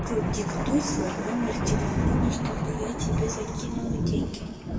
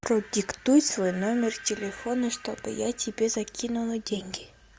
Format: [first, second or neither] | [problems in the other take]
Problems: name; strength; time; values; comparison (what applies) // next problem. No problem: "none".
second | background sound (Thunder); 4 dB above the speech // room echo; dies away in 2.2 s